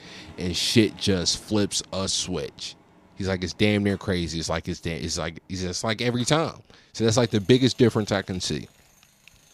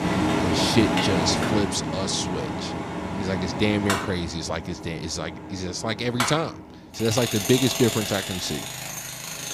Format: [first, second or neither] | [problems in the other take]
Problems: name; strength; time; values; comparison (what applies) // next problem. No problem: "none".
first | machinery noise; loud; throughout; 1 dB below the speech; faint in the first